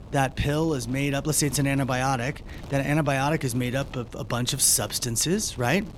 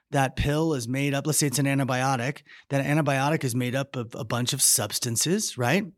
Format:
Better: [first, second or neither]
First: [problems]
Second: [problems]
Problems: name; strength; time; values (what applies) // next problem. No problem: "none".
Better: second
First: wind noise on the microphone; occasional gusts; 20 dB below the speech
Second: none